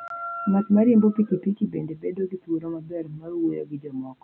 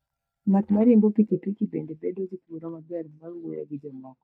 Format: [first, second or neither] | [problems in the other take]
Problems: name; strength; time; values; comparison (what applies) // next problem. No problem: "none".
first | noise reduction (neural mask model DeepFilterNet 3)